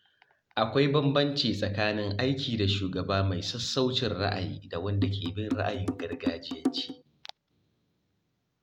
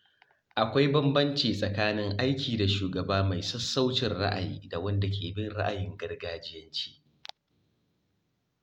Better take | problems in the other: second | background sound (Drum); 4 dB below the speech

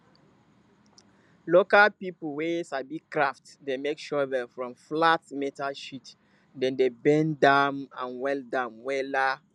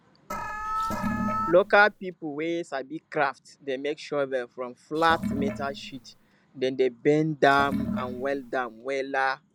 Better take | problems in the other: first | background sound (Alarm + Sink (filling or washing) / Water); 5 dB below the speech

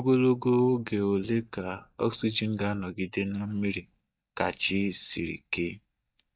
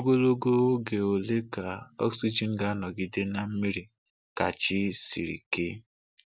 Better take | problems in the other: second | noise reduction (neural mask model DeepFilterNet 3)

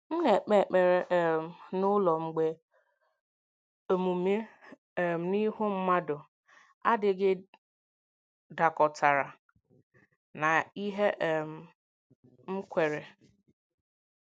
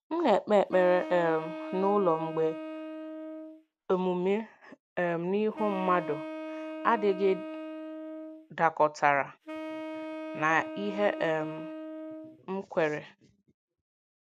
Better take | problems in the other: first | background sound (Wind instrument, woodwind instrument); 9 dB below the speech

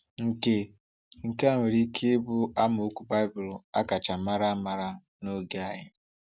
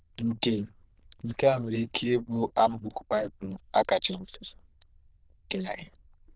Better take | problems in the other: first | noise reduction (neural diffusion model UNIVERSE++)

